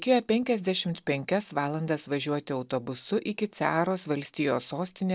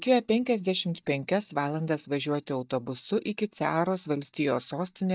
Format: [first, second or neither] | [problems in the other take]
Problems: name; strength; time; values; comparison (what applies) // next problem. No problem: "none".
first | noise reduction (neural mask model DeepFilterNet 3)